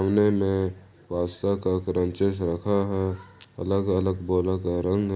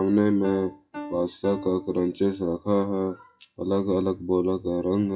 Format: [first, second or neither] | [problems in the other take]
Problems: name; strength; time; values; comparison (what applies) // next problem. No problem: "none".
first | noise reduction (classical method WPE with log-MMSE)